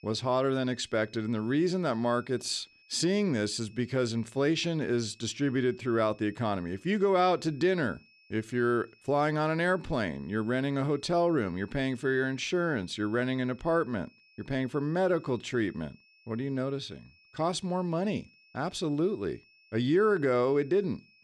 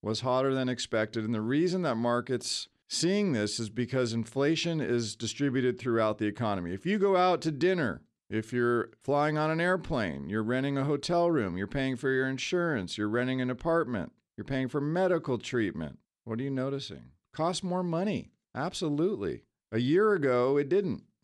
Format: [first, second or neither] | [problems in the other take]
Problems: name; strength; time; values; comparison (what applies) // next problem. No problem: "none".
second | high-pitched whine; faint; throughout; 2.5 kHz, 30 dB below the speech